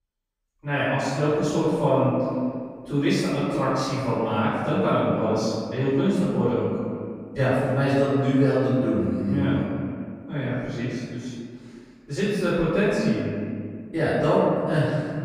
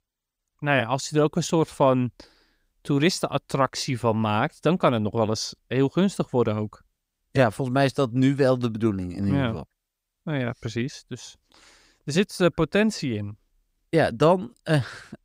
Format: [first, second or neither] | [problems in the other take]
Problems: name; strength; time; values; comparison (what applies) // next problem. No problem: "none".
second | off-mic speech; far // room echo; strong; dies away in 2.1 s